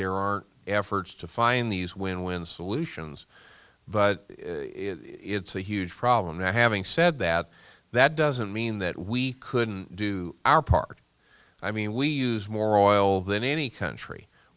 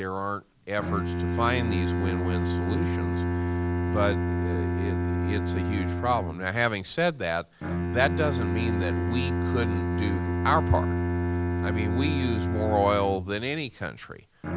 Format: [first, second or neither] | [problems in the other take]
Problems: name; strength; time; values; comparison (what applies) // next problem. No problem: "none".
first | background sound (Bowed string instrument); 2 dB above the speech